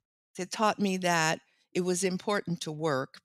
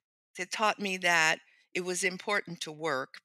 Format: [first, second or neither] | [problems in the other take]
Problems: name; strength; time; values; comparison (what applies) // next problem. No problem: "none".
first | thin; somewhat; fading below 850 Hz